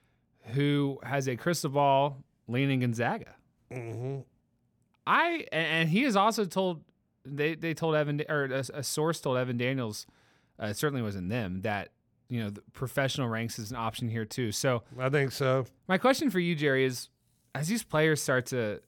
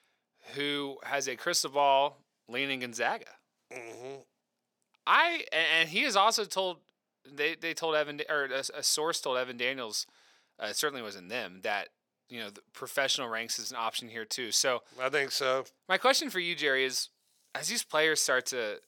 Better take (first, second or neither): first